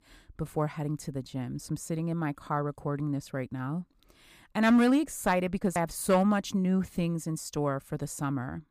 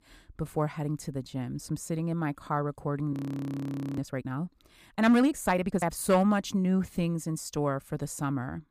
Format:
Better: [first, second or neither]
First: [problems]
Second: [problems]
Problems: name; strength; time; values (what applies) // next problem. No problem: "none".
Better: first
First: none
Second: audio freezing; at 3 s for 1 s